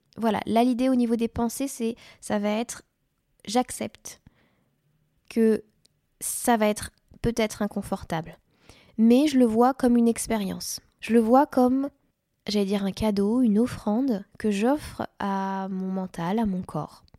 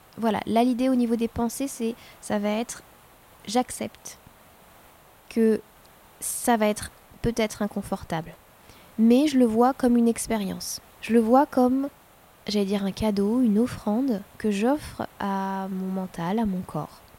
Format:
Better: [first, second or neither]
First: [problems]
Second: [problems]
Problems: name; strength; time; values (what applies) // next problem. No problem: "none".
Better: first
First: none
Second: hiss; faint; throughout; 25 dB below the speech